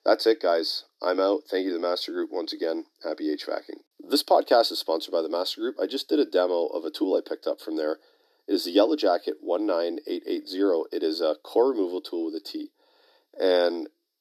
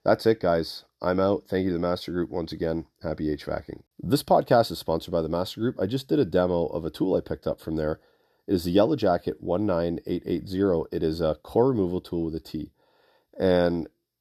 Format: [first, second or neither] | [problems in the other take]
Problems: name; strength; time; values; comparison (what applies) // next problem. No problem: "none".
second | thin; very slightly; fading below 300 Hz